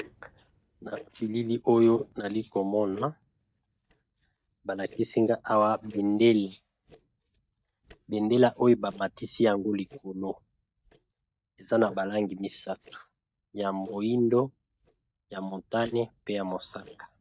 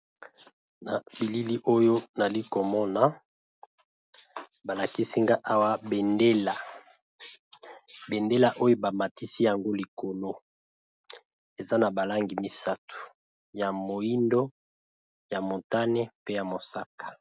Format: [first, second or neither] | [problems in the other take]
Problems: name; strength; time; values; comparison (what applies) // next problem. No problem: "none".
second | noise reduction (neural mask model DeepFilterNet 3)